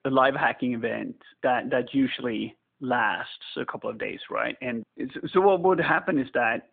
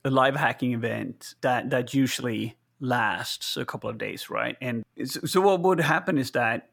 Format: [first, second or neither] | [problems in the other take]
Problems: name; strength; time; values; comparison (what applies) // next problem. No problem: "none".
second | phone-call audio; nothing above 3.5 kHz